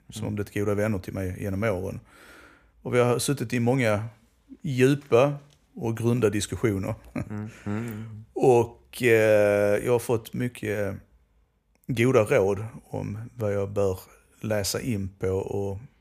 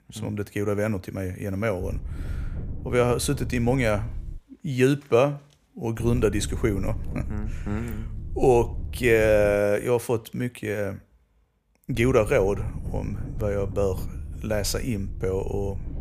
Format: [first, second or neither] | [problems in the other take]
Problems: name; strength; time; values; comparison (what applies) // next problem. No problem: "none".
first | low rumble; faint; from 2 to 4.5 s, from 6 to 9.5 s and from 12 s on; 25 dB below the speech